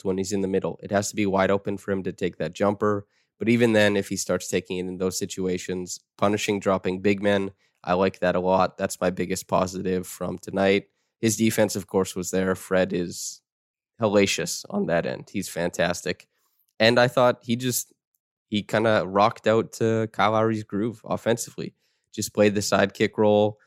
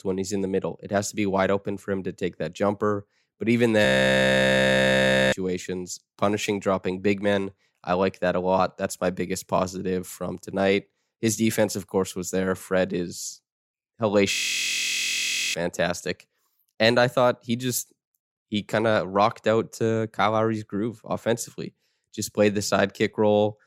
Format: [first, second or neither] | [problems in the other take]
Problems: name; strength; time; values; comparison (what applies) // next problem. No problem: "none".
first | audio freezing; at 4 s for 1.5 s and at 14 s for 1 s